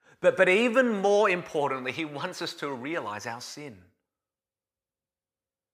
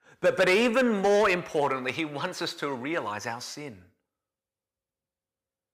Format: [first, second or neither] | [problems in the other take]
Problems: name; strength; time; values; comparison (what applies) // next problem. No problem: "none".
first | distortion; slight; 3% of the sound clipped